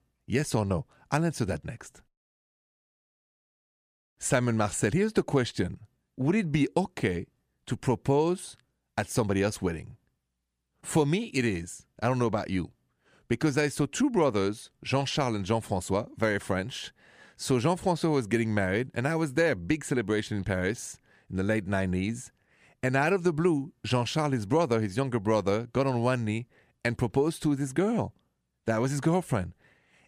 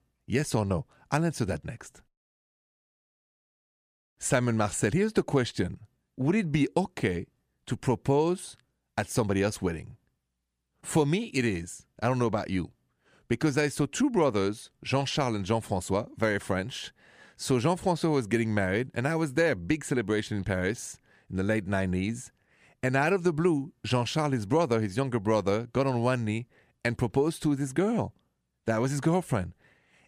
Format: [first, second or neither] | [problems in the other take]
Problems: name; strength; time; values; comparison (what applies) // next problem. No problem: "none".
neither | none